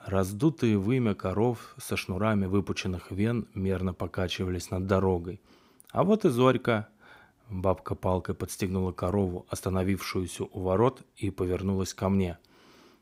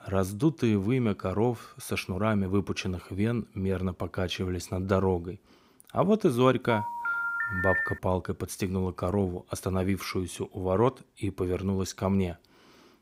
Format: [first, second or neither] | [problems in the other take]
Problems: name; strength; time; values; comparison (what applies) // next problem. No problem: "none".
first | phone ringing; loud; from 6.5 to 8 s; peak 1 dB above the speech